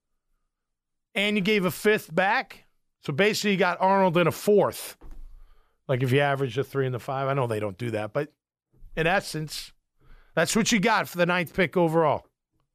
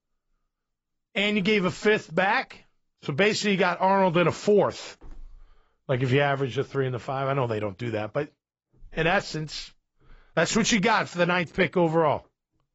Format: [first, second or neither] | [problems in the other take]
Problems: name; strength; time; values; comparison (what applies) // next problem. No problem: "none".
first | garbled, watery; badly; nothing above 7.5 kHz